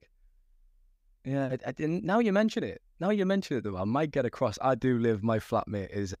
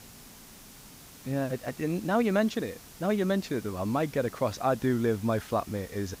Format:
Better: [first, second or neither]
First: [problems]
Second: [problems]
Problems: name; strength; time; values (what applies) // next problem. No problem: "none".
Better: first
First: none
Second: hiss; noticeable; throughout; 20 dB below the speech